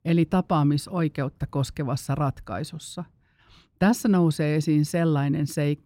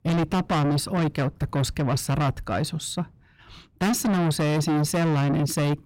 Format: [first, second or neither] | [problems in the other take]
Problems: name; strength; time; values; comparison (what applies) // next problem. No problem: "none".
first | distortion; heavy; 6 dB below the speech